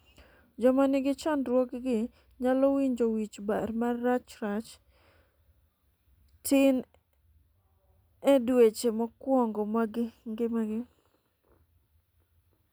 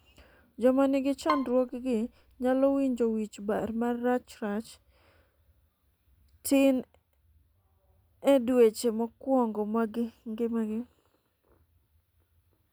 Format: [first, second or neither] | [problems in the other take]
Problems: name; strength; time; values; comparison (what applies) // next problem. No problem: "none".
first | background sound (Bowed string instrument); 10 dB below the speech